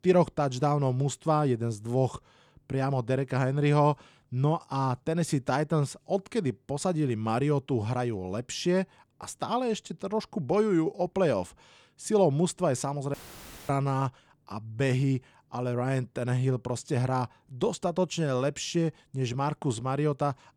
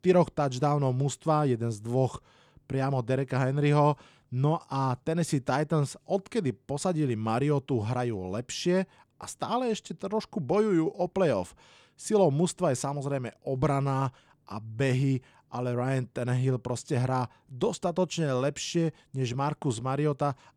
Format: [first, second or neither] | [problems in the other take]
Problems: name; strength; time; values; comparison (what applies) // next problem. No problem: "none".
second | audio cutting out; filled with static; at 13 s for 0.5 s